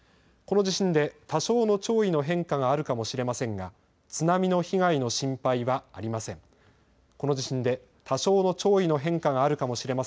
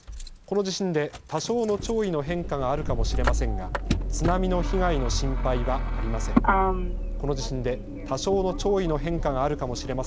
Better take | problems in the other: first | background sound (Motor vehicle (road)); as loud as the speech

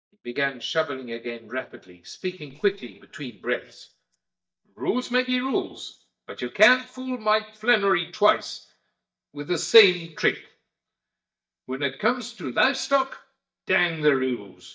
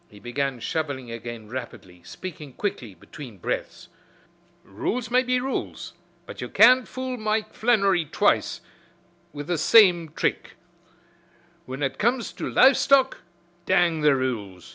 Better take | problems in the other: second | noise reduction (neural mask model DeepFilterNet 3)

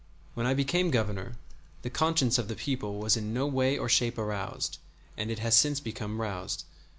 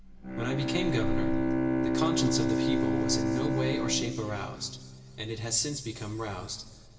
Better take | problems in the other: first | background sound (Bowed string instrument); 2 dB above the speech // room echo; dies away in 2.3 s

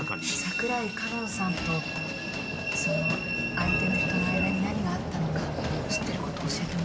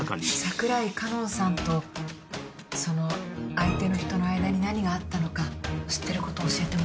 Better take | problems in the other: second | background sound (Train); as loud as the speech

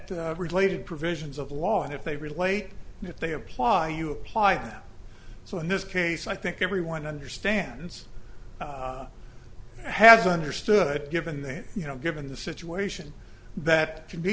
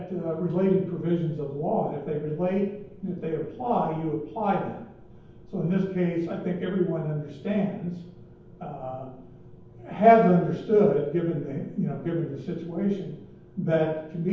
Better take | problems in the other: first | room echo; dies away in 0.9 s

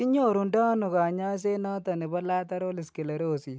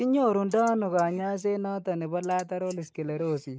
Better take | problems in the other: first | noise reduction (neural mask model Resemble Enhance denoiser)

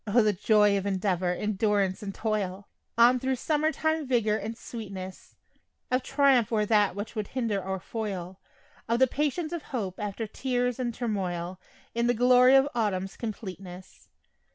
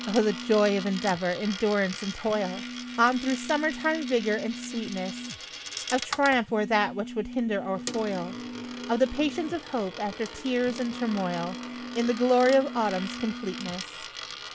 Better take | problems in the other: first | background sound (Coin (dropping) + Telephone); 9 dB below the speech

